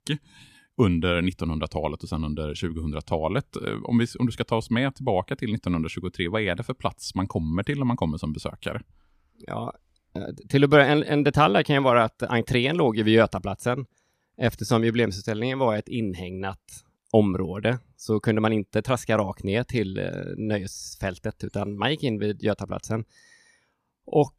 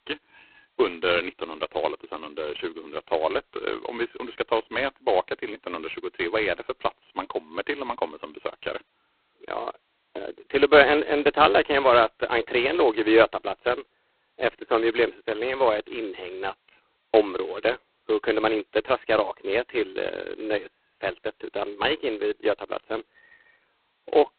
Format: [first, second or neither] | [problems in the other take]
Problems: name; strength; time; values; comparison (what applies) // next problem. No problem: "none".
first | phone-call audio; poor line; nothing above 4 kHz